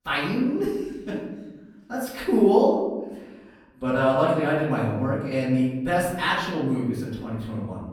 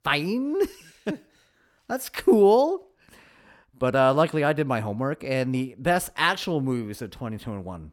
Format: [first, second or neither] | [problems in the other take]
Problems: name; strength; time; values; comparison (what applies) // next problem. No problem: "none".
second | off-mic speech; far // room echo; noticeable; dies away in 1.3 s